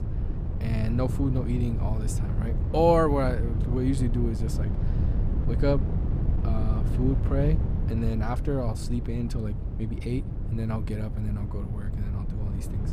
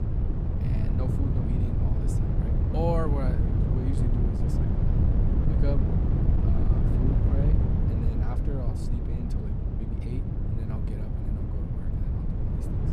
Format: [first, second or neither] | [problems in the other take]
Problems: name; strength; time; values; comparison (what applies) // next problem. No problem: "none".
first | wind noise on the microphone; heavy; 1 dB above the speech; occasional gusts in the first